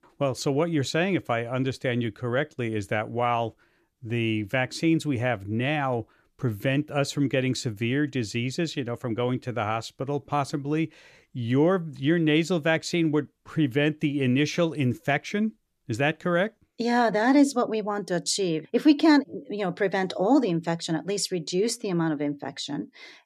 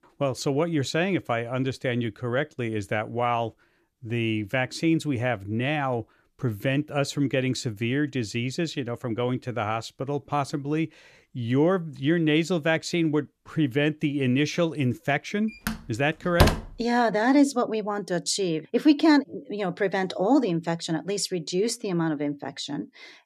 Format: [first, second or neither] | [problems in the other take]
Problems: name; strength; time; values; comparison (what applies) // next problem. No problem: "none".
first | door banging; loud; at 16 s; peak 4 dB above the speech